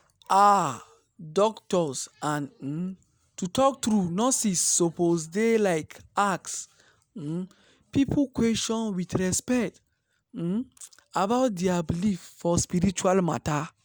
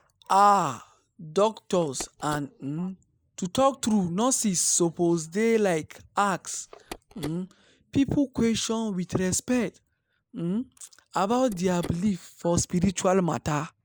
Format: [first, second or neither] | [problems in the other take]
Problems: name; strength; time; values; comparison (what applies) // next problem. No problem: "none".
first | noise reduction (neural mask model Resemble Enhance denoiser)